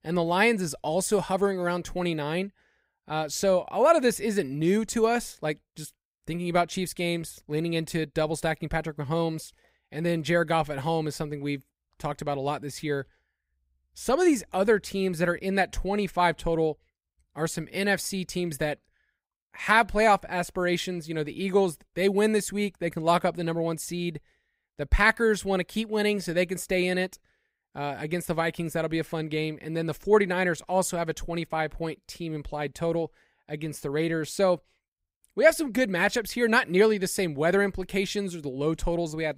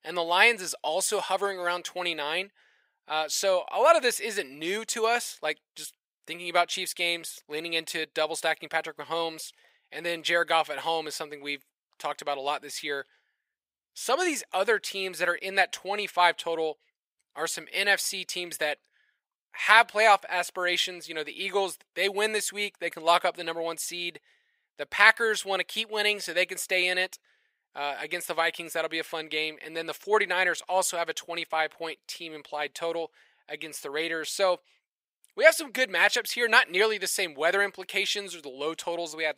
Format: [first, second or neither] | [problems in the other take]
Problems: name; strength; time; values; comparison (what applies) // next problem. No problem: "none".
first | thin; very; fading below 600 Hz